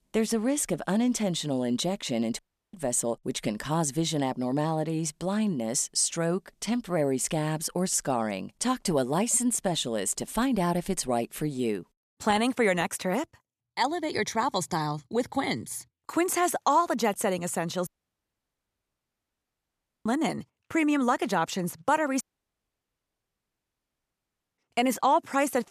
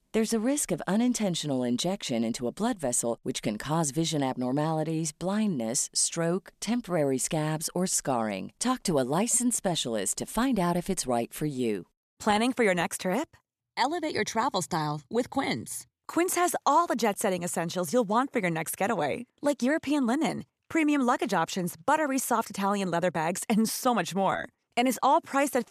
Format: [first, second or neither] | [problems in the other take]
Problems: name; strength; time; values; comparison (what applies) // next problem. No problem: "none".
second | audio cutting out; at 2.5 s, at 18 s for 2 s and at 22 s for 2.5 s